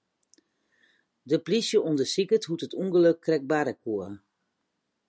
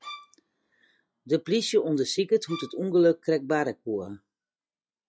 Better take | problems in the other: first | noise reduction (classical method log-MMSE)

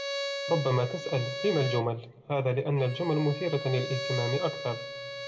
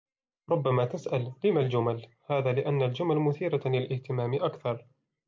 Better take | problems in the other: second | background sound (Bowed string instrument); 7 dB below the speech // room echo; dies away in 1.5 s

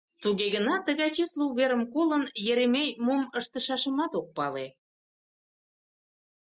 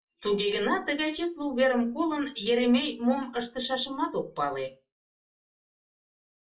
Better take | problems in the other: first | room echo; dies away in 0.2 s

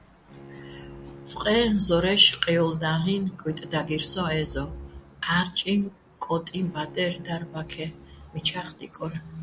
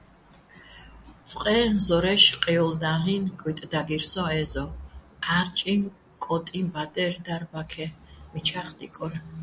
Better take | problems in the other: second | background sound (Bowed string instrument); 20 dB below the speech

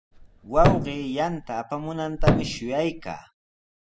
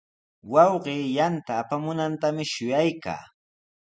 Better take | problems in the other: second | background sound (Thump, thud); 2 dB above the speech

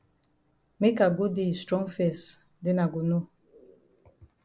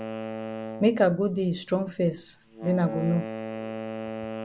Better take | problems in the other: first | background sound (Wind instrument, woodwind instrument); 8 dB below the speech

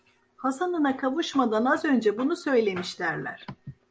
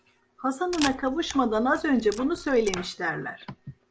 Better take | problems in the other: first | background sound (Camera); 12 dB below the speech

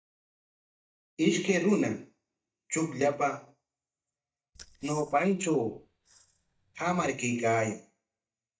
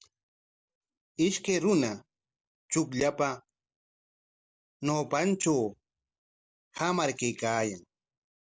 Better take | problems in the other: second | noise reduction (neural mask model DeepFilterNet 3)

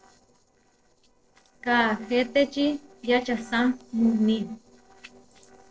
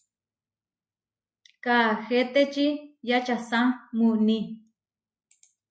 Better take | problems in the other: second | noise reduction (neural separator model SepFormer DNS4)

